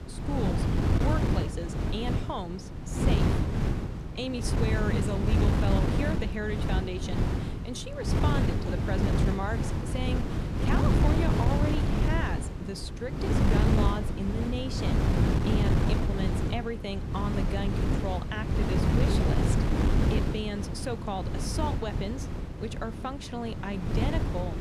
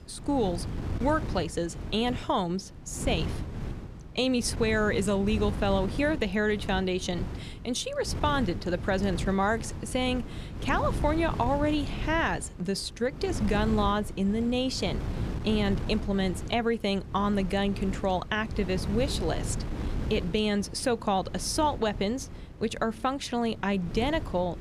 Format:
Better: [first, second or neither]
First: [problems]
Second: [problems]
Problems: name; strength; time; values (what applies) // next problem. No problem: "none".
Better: second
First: wind noise on the microphone; heavy; 1 dB above the speech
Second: wind noise on the microphone; occasional gusts; 15 dB below the speech